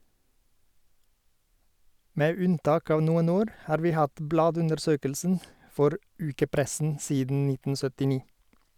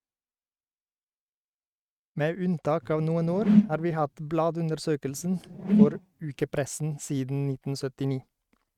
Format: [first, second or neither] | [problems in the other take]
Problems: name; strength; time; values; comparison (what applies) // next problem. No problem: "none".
first | noise reduction (neural mask model RNNoise)